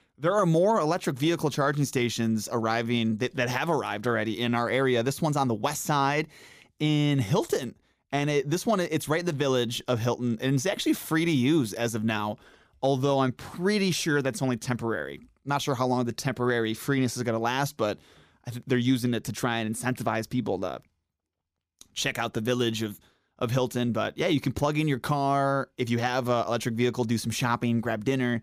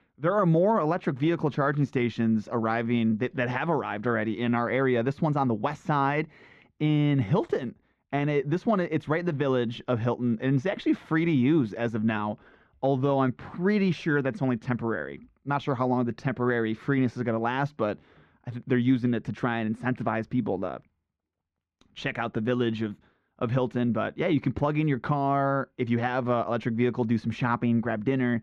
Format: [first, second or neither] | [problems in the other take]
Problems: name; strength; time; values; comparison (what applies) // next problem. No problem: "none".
first | muffled; very; fading above 2 kHz